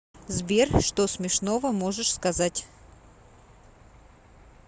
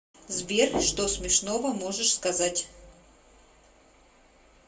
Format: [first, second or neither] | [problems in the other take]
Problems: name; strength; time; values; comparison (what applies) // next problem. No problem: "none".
first | room echo; dies away in 0.2 s